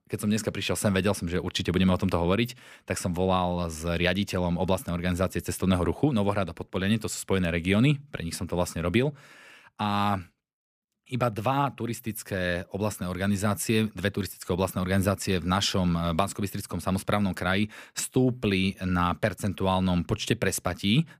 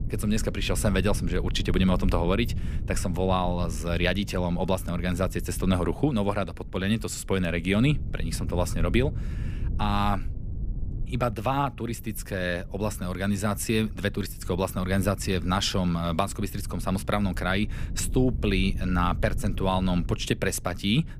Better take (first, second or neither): first